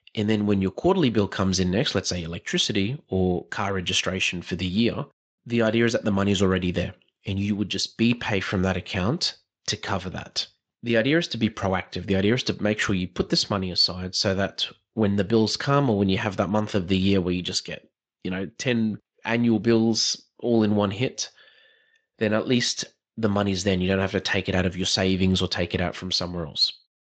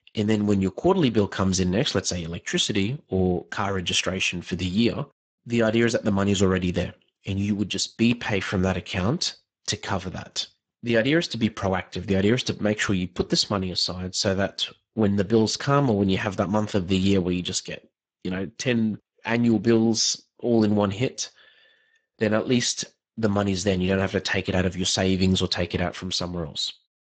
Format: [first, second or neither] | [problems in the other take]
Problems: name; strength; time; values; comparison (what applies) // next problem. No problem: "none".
first | garbled, watery; badly; nothing above 7.5 kHz; slightly in the first